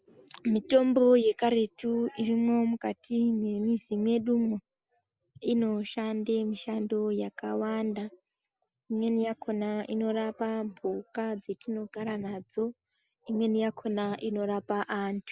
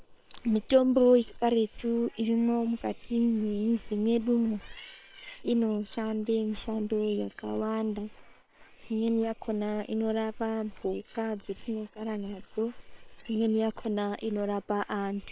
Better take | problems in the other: first | noise reduction (neural separator model SepFormer WHAM!)

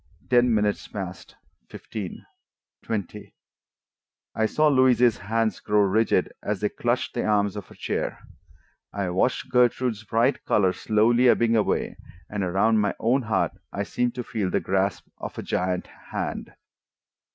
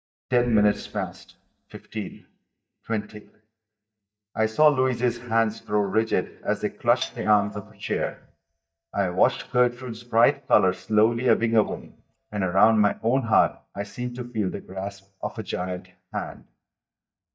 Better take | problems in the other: first | noise reduction (neural mask model DeepFilterNet 3)

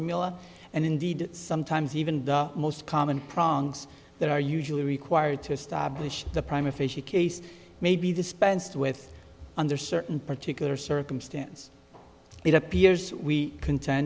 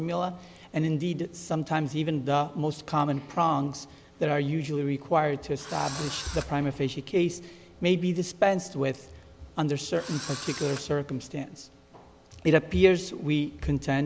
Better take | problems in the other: first | background sound (Engine / Drill); 13 dB below the speech

